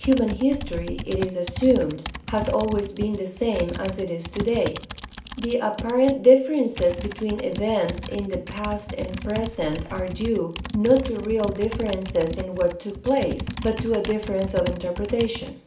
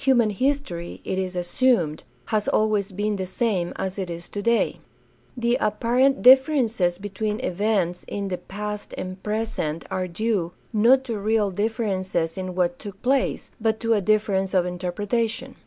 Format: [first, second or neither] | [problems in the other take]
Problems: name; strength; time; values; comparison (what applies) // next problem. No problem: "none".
second | background sound (Computer keyboard); 10 dB below the speech // room echo; dies away in 0.4 s